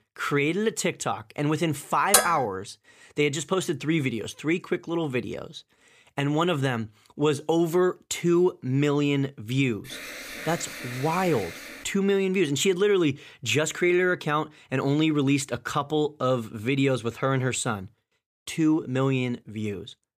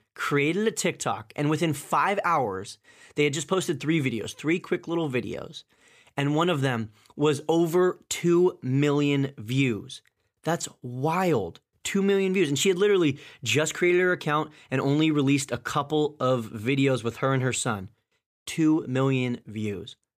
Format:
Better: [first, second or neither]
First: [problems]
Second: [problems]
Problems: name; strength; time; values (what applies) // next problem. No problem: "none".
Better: second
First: clattering dishes; loud; at 2 s; peak 5 dB above the speech // alarm; noticeable; from 10 to 12 s; peak 10 dB below the speech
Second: none